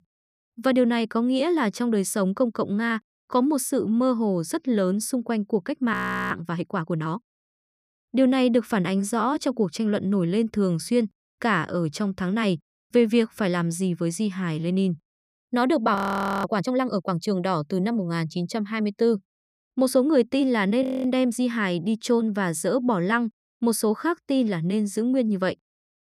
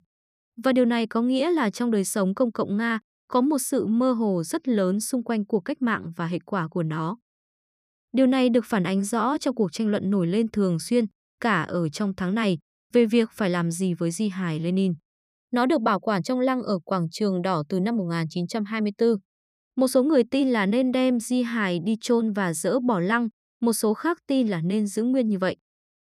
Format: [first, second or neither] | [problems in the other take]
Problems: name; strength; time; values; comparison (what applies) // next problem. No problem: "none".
second | audio freezing; at 6 s, at 16 s and at 21 s